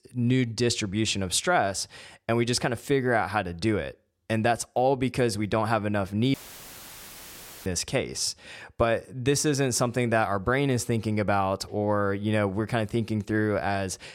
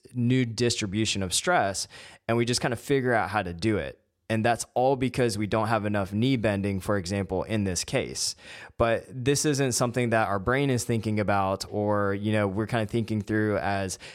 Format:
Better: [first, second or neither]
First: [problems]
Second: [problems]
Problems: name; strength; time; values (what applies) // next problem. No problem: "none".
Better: second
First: audio cutting out; filled with static; at 6.5 s for 1.5 s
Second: none